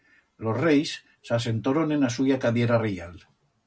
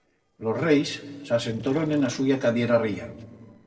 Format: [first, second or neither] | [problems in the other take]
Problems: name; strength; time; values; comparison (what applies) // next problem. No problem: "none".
first | noise reduction (neural separator model SepFormer DNS4)